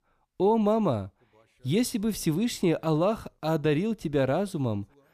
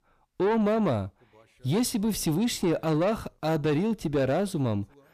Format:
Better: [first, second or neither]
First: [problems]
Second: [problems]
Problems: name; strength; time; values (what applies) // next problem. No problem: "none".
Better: first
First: none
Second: distortion; slight; 10 dB below the speech